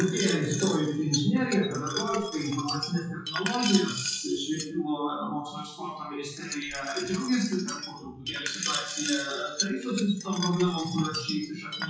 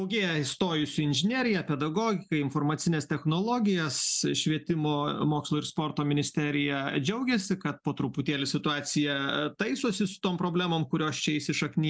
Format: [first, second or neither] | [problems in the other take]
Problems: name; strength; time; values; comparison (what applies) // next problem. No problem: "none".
second | noise reduction (classical method WPE with log-MMSE)